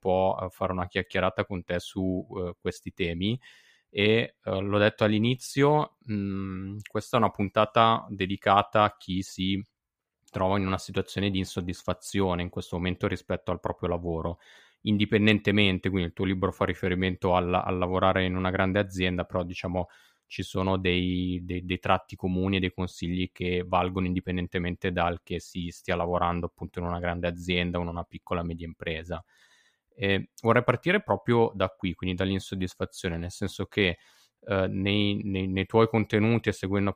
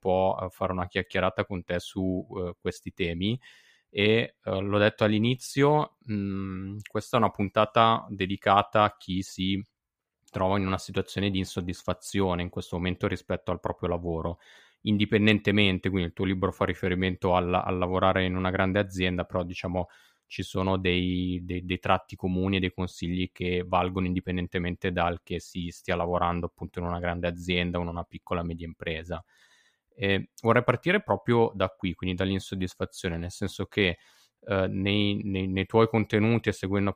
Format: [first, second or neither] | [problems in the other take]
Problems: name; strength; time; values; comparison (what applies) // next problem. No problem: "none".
neither | none